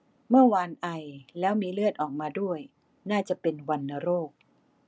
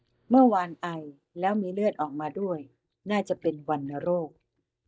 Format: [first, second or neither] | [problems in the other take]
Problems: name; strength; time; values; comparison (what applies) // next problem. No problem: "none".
first | noise reduction (neural mask model DeepFilterNet 3)